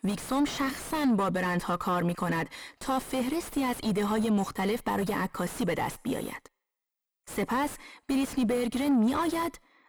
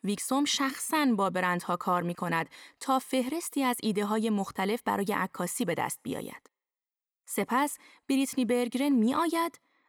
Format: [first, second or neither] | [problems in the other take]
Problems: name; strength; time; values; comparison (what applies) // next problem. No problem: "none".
second | distortion; heavy; 5 dB below the speech